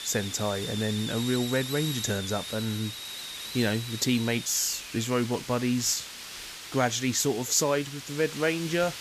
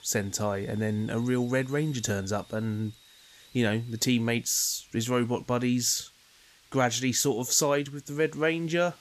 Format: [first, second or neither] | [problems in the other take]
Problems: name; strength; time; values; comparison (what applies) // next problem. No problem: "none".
second | hiss; loud; throughout; 8 dB below the speech; faint in the second